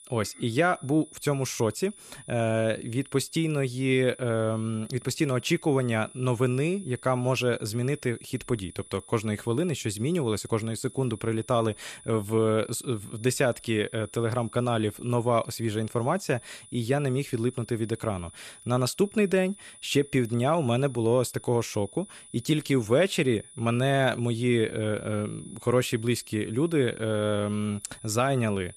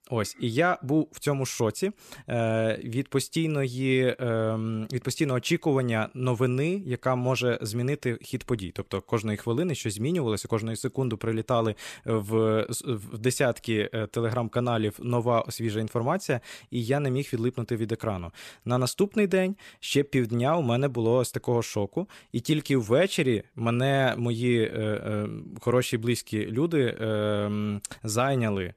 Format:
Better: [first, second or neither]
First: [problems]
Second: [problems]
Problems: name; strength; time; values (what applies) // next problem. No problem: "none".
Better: second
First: high-pitched whine; noticeable; throughout; 10 kHz, 20 dB below the speech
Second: none